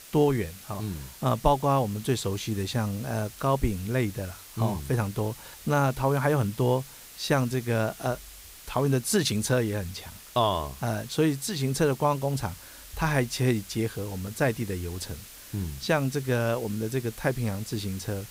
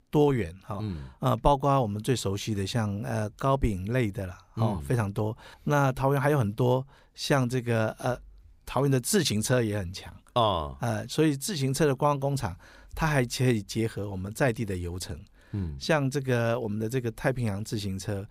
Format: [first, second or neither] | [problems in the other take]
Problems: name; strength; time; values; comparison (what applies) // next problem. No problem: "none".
second | hiss; noticeable; throughout; 15 dB below the speech